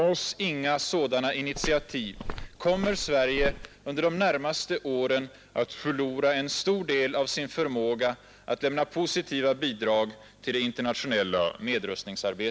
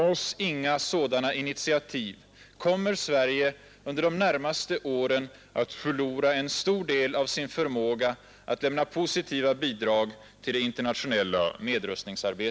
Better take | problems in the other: second | background sound (Walk, footsteps); 8 dB below the speech

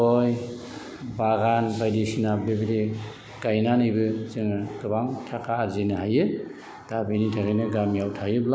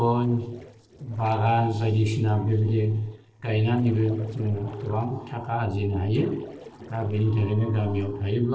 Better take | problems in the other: first | noise reduction (neural separator model SepFormer DNS4)

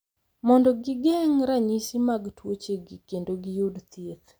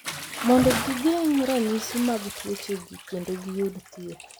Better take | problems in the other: first | background sound (Bathtub (filling or washing) / Splash, splatter); 9 dB below the speech

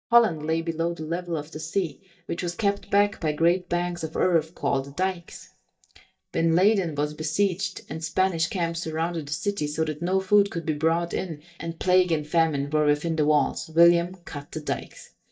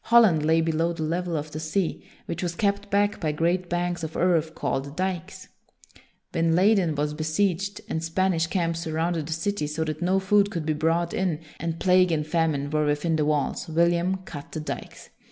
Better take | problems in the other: second | noise reduction (neural mask model DeepFilterNet 3)

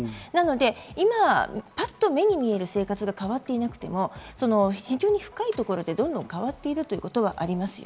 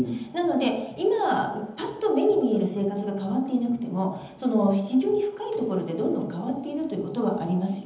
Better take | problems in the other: first | room echo; dies away in 0.9 s

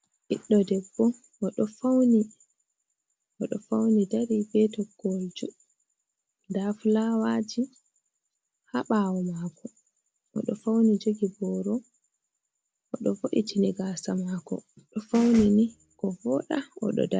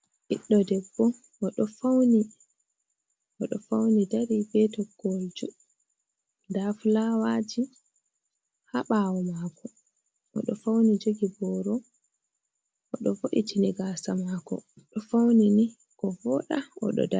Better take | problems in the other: second | background sound (Snare drum); 13 dB below the speech

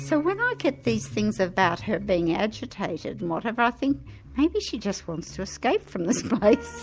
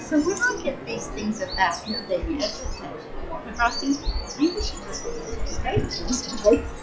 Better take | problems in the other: first | noise reduction (classical method log-MMSE)

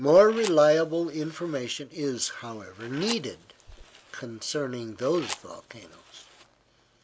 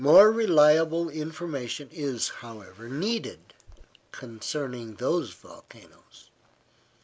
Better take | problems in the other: second | background sound (Fire); 18 dB below the speech

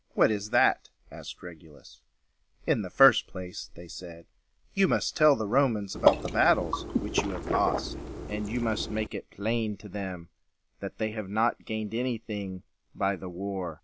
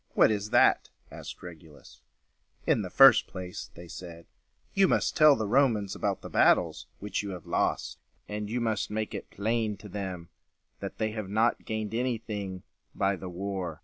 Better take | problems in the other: second | background sound (Water / Liquid); 1 dB below the speech

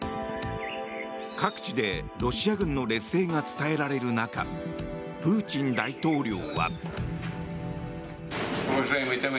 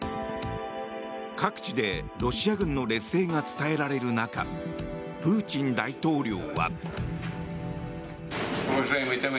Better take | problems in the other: second | background sound (Bird); 17 dB below the speech

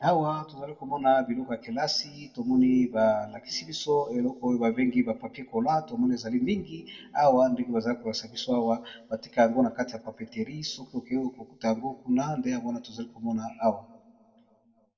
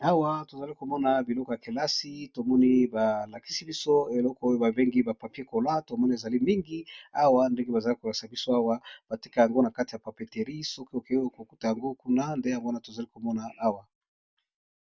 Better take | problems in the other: second | room echo; dies away in 1.1 s

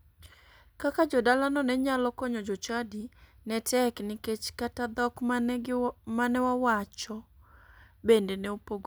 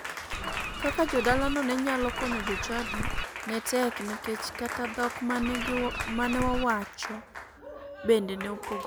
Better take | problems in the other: first | background sound (Applause + Bird); 4 dB below the speech

